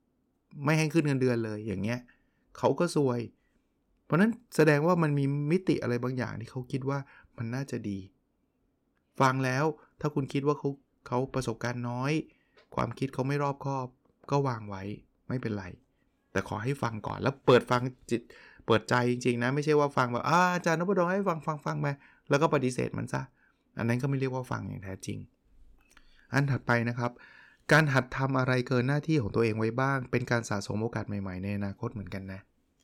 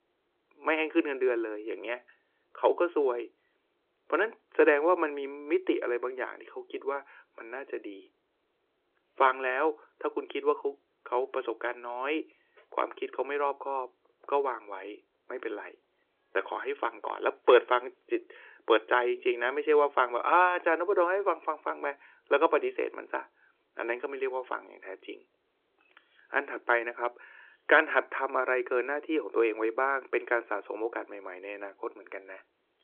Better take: first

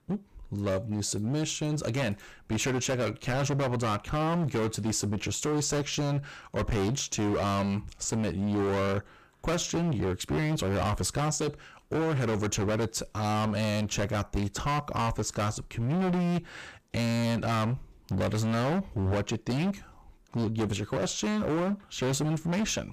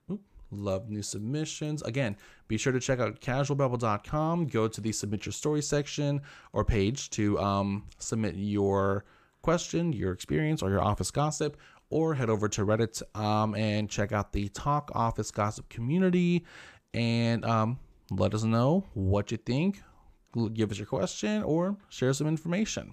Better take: second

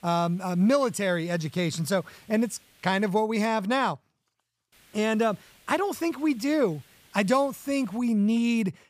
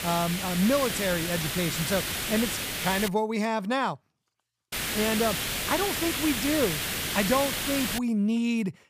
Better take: first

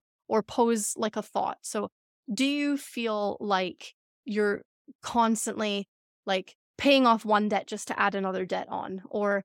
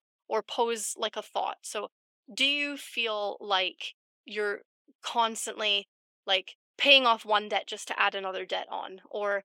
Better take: first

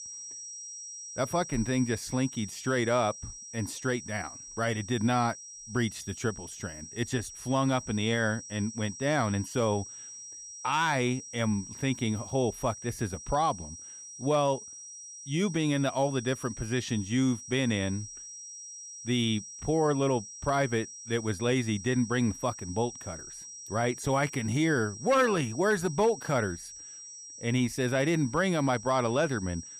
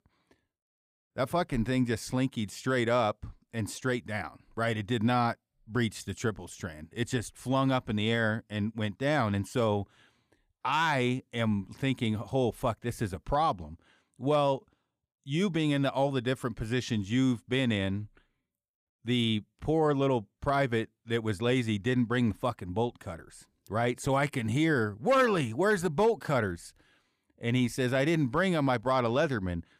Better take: second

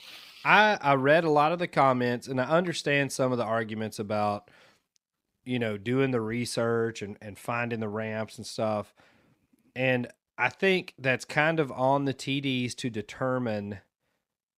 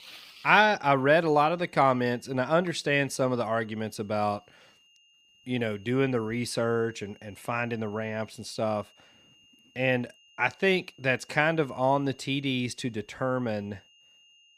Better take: first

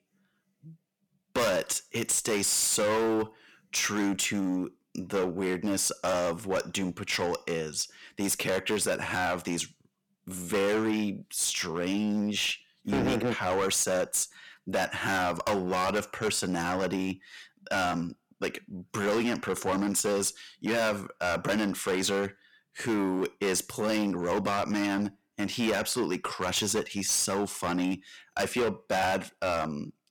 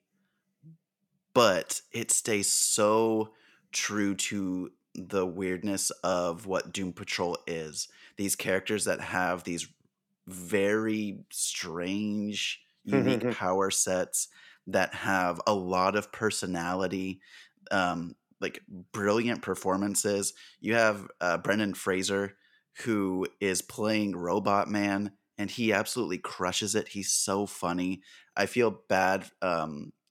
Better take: second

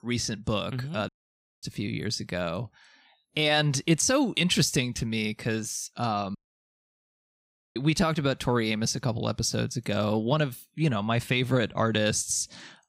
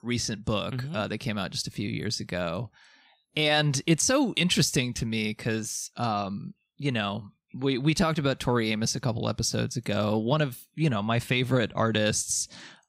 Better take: second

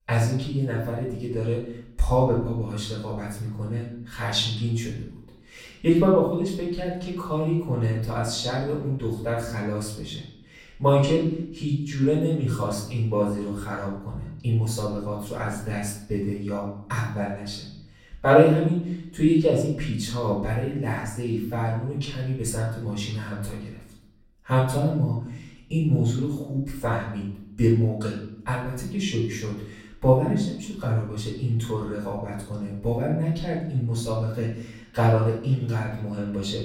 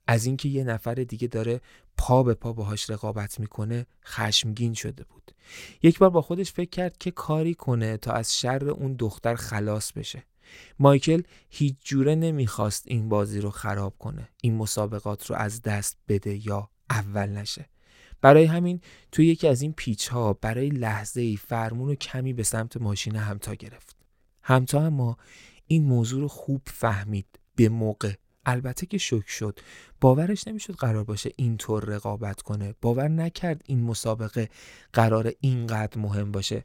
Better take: second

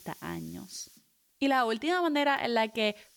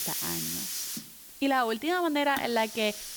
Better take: first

